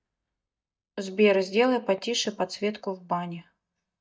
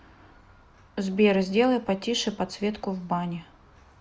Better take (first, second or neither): second